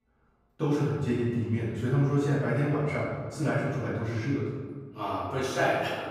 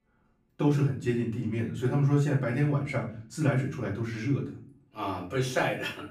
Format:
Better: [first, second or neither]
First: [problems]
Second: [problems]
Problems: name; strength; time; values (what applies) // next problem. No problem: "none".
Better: second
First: room echo; strong; dies away in 1.4 s // off-mic speech; far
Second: room echo; slight; dies away in 0.4 s // off-mic speech; far